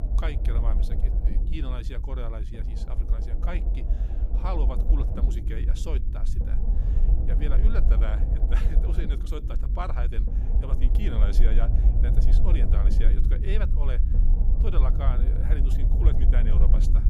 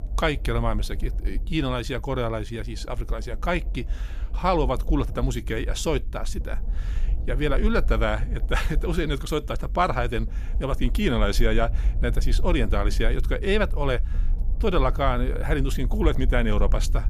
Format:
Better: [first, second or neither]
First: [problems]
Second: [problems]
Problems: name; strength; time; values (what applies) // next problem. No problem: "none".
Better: second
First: low rumble; loud; throughout; 4 dB below the speech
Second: low rumble; faint; throughout; 20 dB below the speech